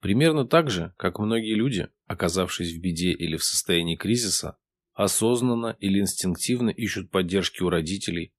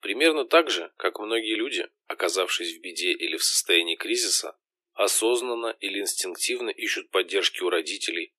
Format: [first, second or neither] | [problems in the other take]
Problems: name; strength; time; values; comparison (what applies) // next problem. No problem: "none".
first | thin; very; fading below 350 Hz